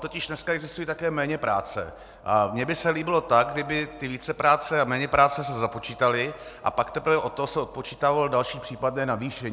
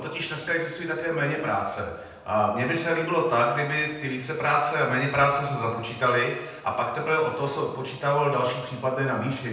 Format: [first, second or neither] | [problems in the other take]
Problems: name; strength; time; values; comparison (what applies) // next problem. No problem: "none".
first | room echo; dies away in 0.8 s